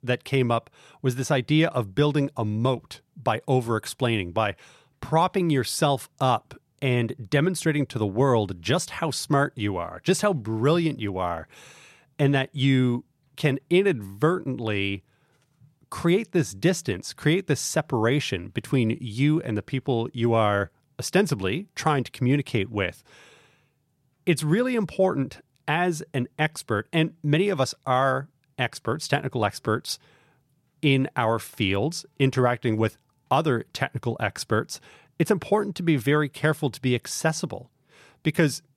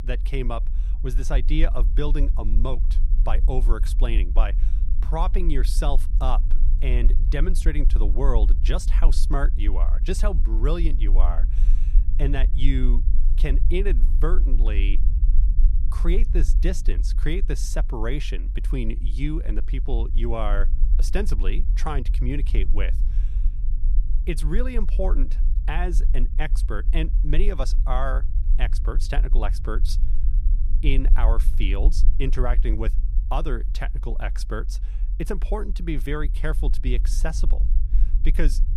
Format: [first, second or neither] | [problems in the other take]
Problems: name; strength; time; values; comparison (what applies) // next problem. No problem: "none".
first | low rumble; noticeable; throughout; 15 dB below the speech